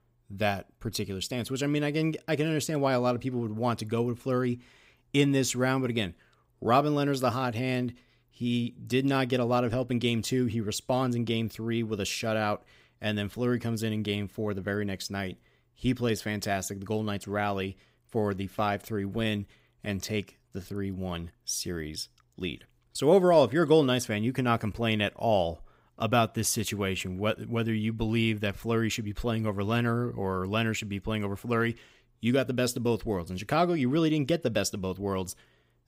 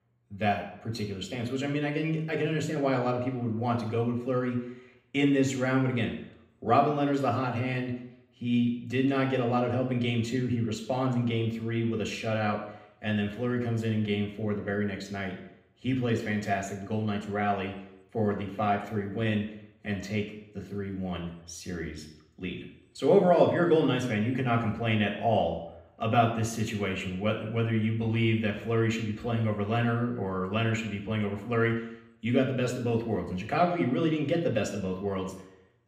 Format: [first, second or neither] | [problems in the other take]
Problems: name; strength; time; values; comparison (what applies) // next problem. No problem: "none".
first | room echo; noticeable; dies away in 0.7 s // off-mic speech; far